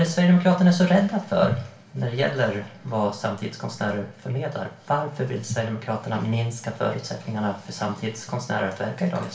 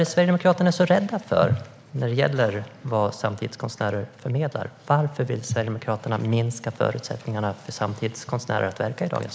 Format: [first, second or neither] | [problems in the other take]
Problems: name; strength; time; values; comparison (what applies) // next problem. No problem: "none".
second | room echo; dies away in 0.3 s